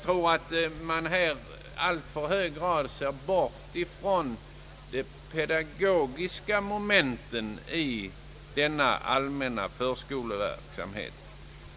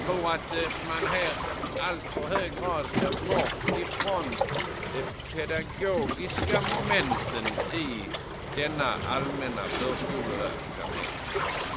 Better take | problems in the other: first | background sound (Waves, surf); 1 dB above the speech

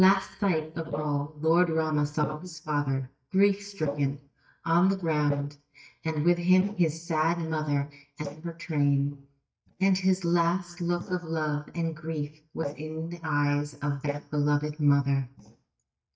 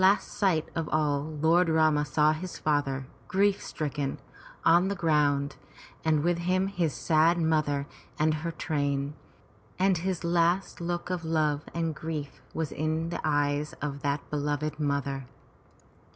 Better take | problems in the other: second | noise reduction (neural mask model DeepFilterNet 3)

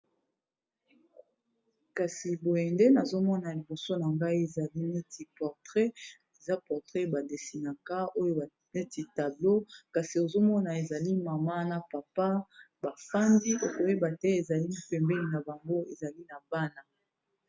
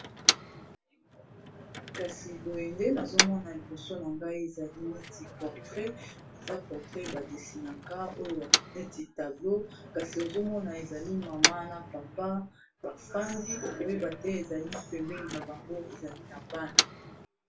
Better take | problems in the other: first | background sound (Motor vehicle (road)); 1 dB above the speech // room echo; dies away in 0.2 s

